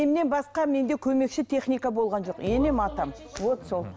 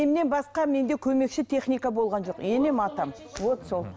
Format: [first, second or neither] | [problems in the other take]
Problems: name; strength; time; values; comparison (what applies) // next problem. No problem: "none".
second | background sound (Bass drum); 13 dB below the speech